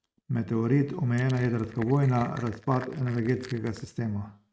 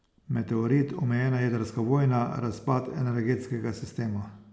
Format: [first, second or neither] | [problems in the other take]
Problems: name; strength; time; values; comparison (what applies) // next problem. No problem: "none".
second | noise reduction (neural mask model RNNoise)